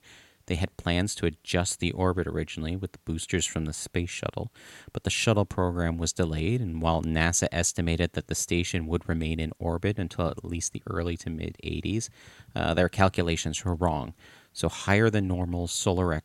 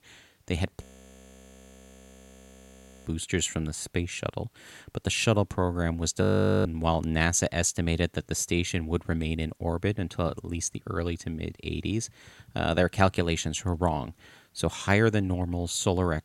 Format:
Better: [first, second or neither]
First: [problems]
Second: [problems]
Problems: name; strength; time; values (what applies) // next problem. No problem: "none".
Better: first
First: none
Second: audio freezing; at 1 s for 2 s and at 6 s